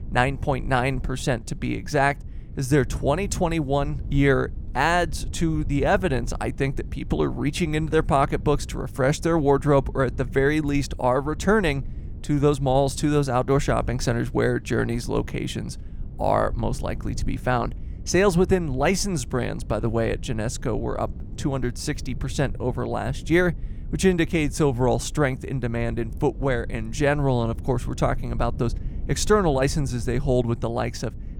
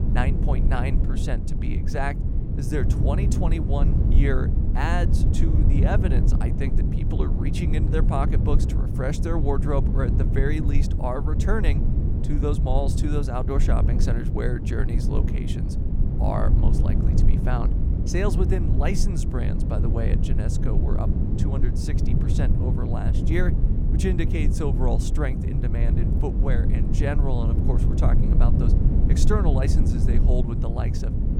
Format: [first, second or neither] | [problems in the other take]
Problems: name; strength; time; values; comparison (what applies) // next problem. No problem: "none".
first | low rumble; loud; throughout; 4 dB below the speech; faint in the first